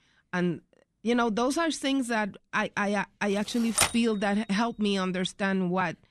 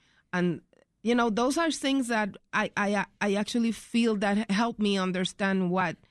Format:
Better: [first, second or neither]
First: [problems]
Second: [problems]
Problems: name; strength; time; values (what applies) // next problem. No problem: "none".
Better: second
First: keyboard typing; loud; at 4 s; peak 3 dB above the speech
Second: none